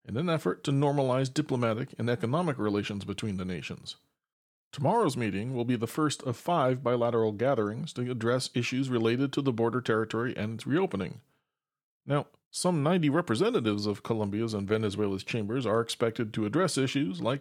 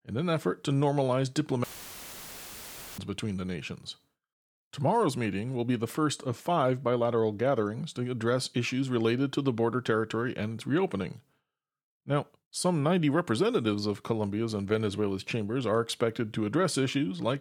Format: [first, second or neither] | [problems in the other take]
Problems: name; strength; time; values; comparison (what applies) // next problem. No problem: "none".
first | audio cutting out; filled with static; at 1.5 s for 1.5 s